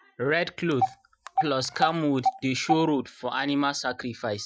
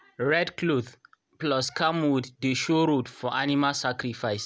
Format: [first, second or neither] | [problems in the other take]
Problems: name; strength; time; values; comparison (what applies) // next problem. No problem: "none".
second | noise reduction (classical method Wiener filter)